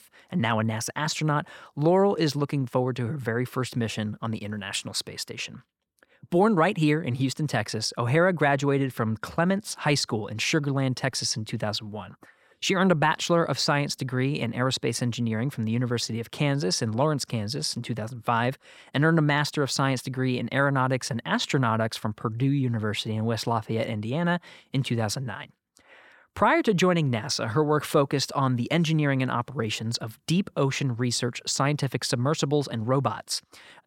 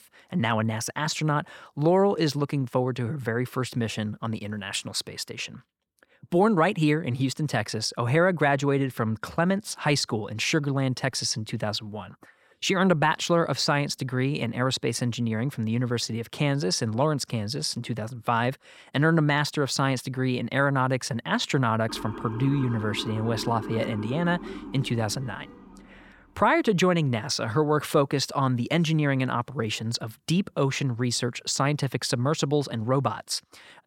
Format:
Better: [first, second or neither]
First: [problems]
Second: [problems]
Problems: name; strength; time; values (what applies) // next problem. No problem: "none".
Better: first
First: none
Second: siren; noticeable; from 22 to 26 s; peak 9 dB below the speech